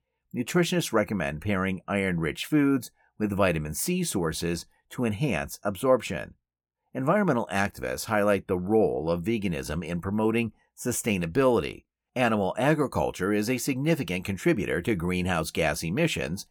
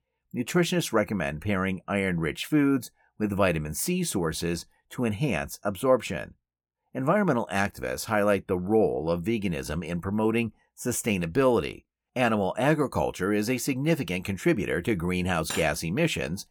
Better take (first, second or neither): first